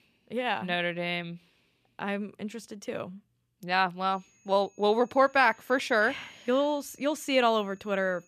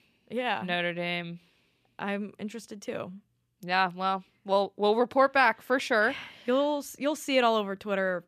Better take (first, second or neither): second